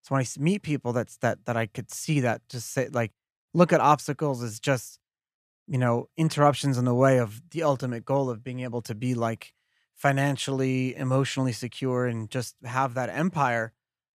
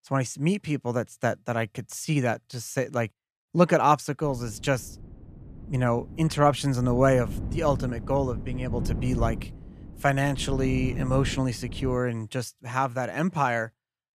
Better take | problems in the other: first | wind noise on the microphone; occasional gusts; from 4.5 to 12 s; 15 dB below the speech

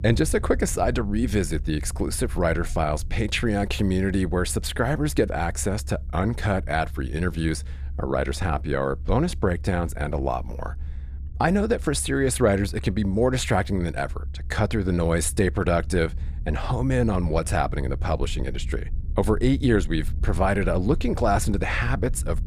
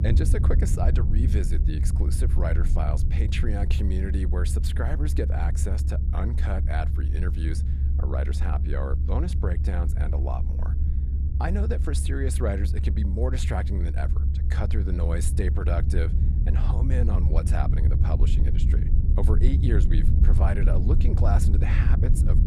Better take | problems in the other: first | low rumble; loud; throughout; 5 dB below the speech; faint in the first

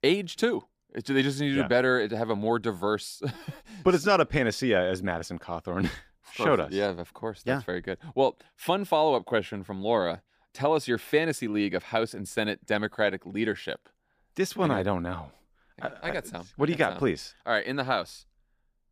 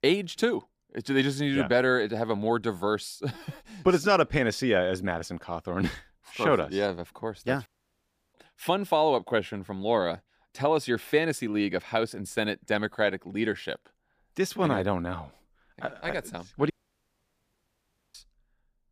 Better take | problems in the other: first | audio cutting out; at 7.5 s for 0.5 s and at 17 s for 1.5 s

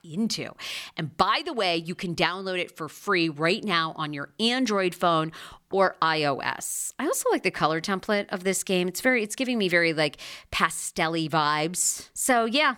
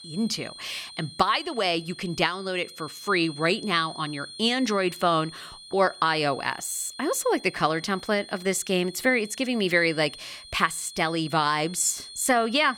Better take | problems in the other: first | high-pitched whine; noticeable; throughout; 4 kHz, 15 dB below the speech

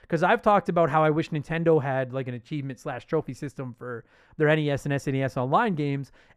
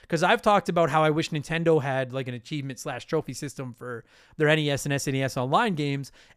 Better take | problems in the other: second | muffled; slightly; fading above 2.5 kHz

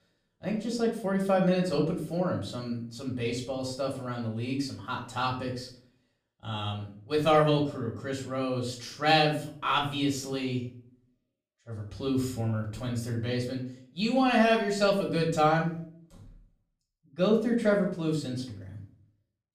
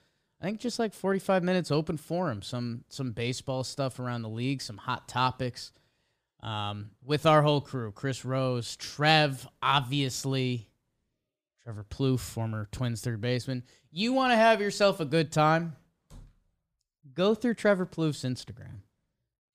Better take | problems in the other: second | room echo; slight; dies away in 0.4 s // off-mic speech; far

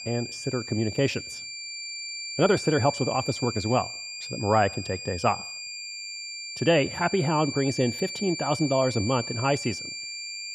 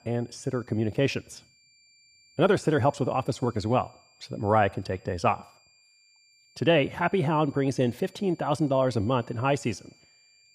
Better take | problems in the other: second | high-pitched whine; loud; throughout; 4.5 kHz, 7 dB below the speech; faint in the second

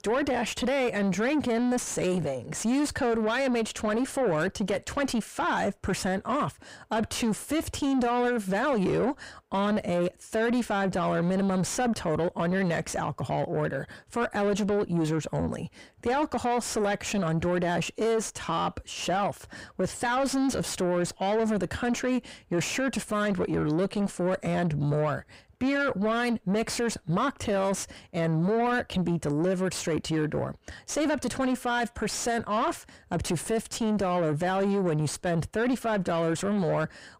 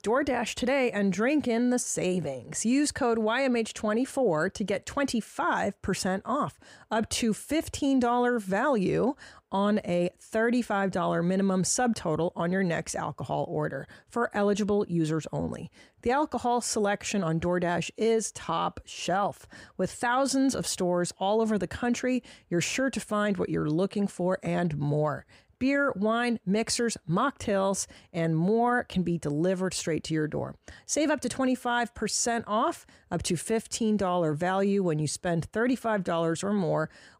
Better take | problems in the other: second | distortion; slight; 10 dB below the speech

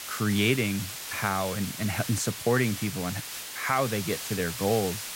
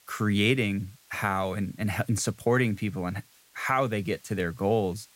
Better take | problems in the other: second | hiss; loud; throughout; 7 dB below the speech; faint in the second

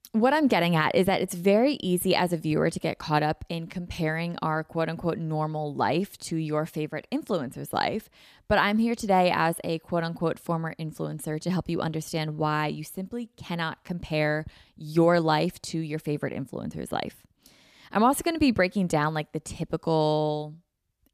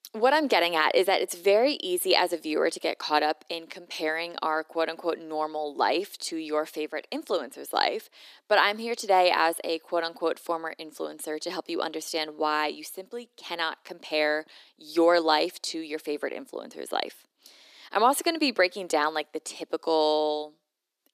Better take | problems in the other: first | thin; somewhat; fading below 300 Hz

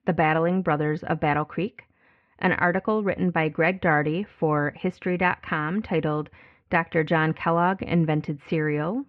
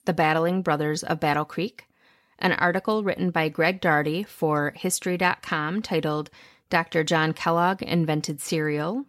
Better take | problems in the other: second | muffled; very; fading above 2.5 kHz

